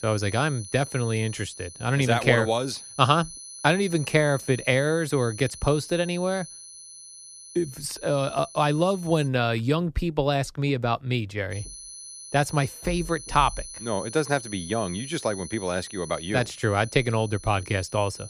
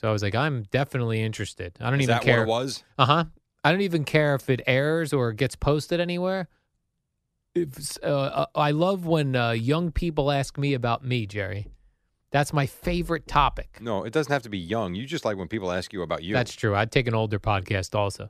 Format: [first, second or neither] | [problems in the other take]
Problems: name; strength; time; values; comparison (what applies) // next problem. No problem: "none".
second | high-pitched whine; noticeable; until 9.5 s and from 12 s on; 10 kHz, 15 dB below the speech